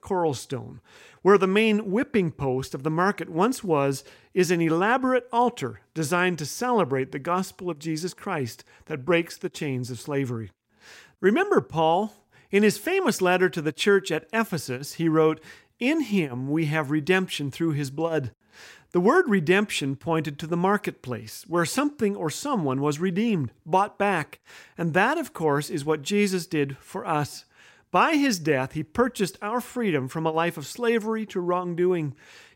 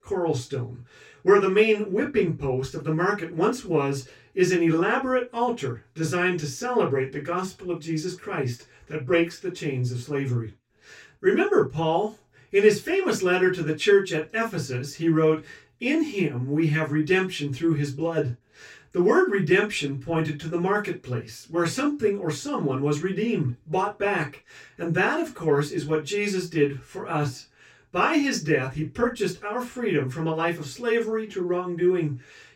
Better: first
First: none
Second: room echo; very slight; dies away in 0.1 s // off-mic speech; far

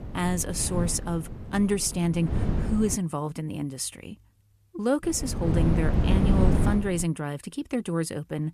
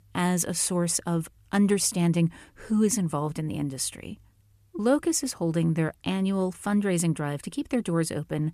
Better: second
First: wind noise on the microphone; heavy; until 3 s and from 5 to 7 s; 4 dB below the speech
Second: none

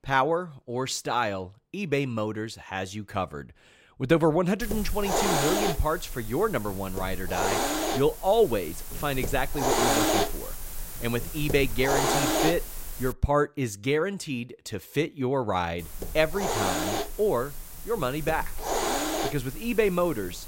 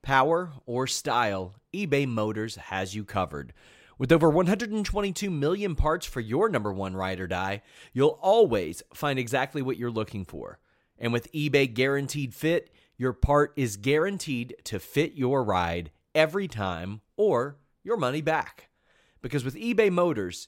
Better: second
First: hiss; loud; from 4.5 to 13 s and from 16 s on; 1 dB below the speech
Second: none

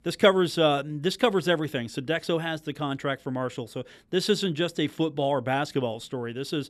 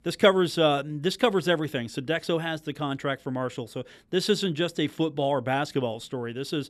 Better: neither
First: none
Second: none

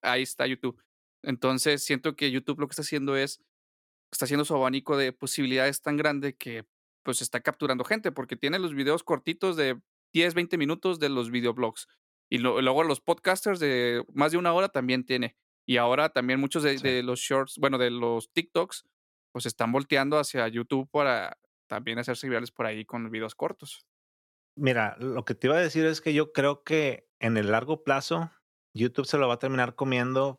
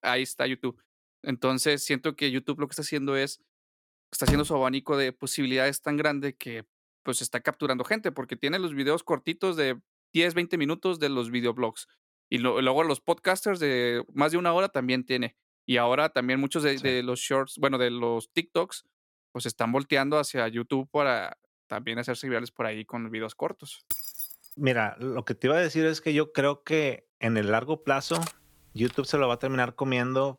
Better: first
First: none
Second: door banging; noticeable; at 4.5 s; peak 2 dB below the speech // jangling keys; noticeable; at 24 s; peak 3 dB below the speech // clattering dishes; noticeable; from 28 to 29 s; peak 9 dB below the speech

